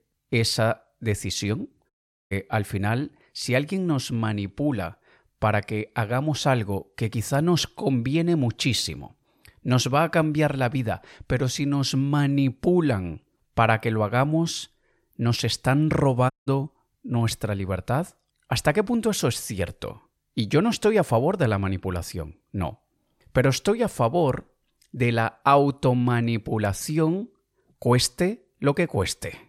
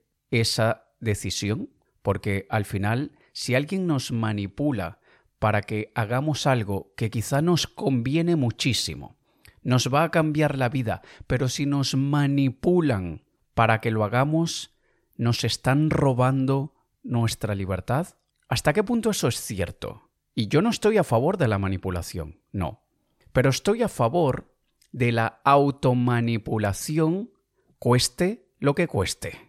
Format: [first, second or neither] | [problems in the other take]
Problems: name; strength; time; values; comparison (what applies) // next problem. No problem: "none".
second | audio cutting out; at 2 s and at 16 s